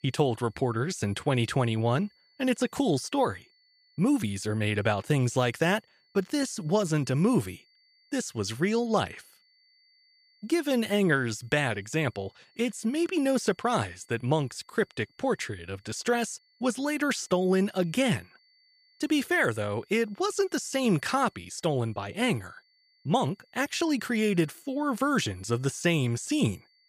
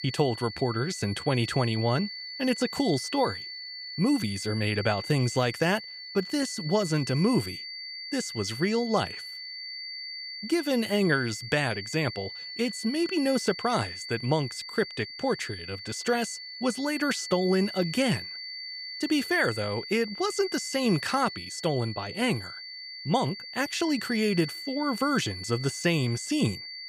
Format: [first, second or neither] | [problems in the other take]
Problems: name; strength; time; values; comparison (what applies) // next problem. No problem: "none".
first | high-pitched whine; loud; throughout; 4.5 kHz, 9 dB below the speech; faint in the first